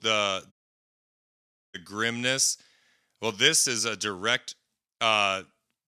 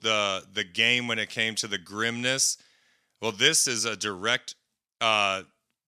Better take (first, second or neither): second